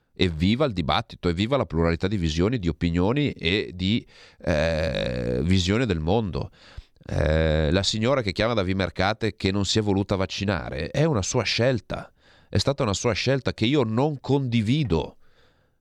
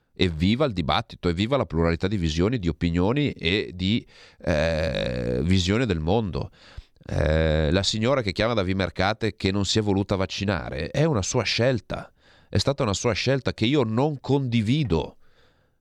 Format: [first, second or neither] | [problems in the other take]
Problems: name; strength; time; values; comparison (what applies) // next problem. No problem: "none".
neither | none